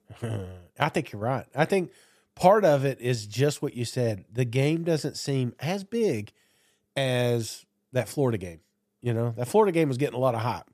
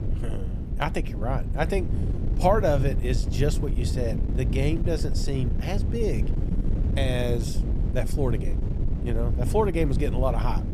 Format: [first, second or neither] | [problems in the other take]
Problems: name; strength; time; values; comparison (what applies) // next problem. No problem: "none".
first | wind noise on the microphone; occasional gusts; 10 dB below the speech